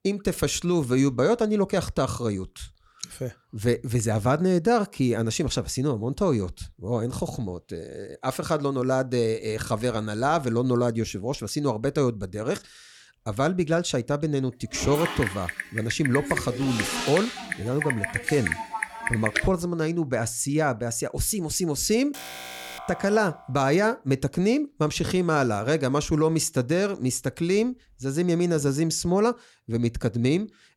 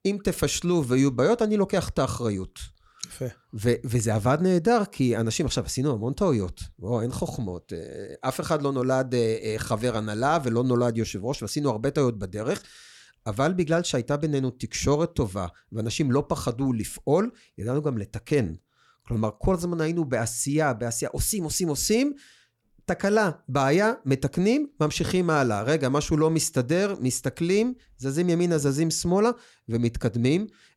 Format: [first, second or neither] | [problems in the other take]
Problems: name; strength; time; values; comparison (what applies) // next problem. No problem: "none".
second | keyboard typing; noticeable; from 15 to 19 s; peak level with the speech // alarm; faint; from 22 to 24 s; peak 10 dB below the speech